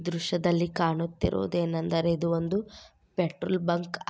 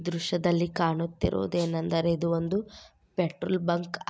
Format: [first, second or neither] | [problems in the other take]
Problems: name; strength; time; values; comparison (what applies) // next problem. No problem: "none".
first | background sound (Rattle (instrument)); 18 dB below the speech